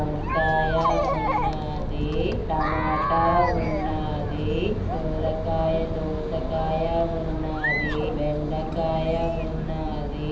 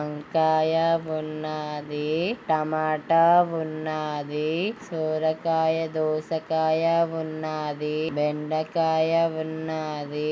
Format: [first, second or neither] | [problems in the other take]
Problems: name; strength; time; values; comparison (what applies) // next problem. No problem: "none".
second | background sound (Chatter); as loud as the speech // room echo; dies away in 1.2 s